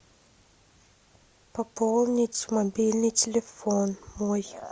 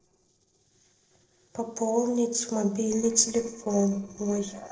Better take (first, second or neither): first